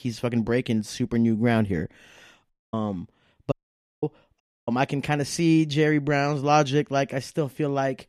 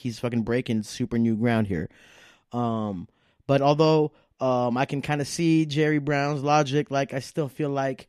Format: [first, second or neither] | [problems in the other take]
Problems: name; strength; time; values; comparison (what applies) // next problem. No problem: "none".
second | audio cutting out; at 2.5 s, at 3.5 s and at 4.5 s